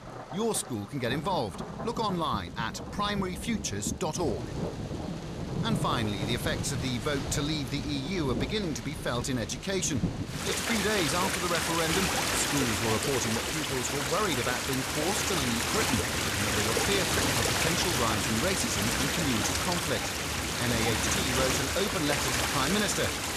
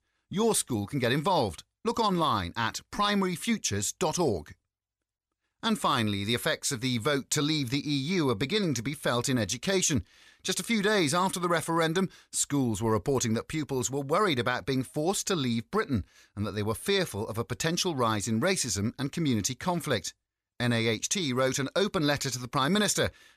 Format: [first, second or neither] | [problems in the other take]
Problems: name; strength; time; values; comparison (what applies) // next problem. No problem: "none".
second | rain or running water; very loud; throughout; 2 dB above the speech